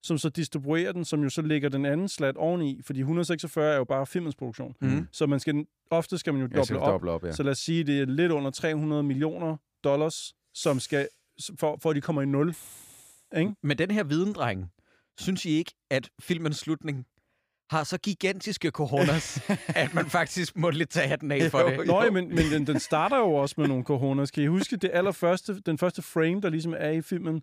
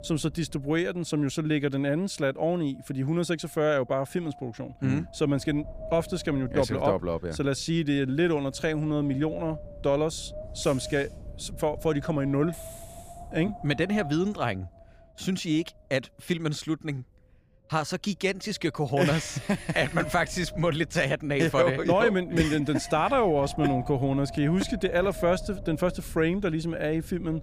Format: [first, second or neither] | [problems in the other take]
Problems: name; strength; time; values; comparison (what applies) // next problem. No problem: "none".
first | wind noise on the microphone; occasional gusts; 15 dB below the speech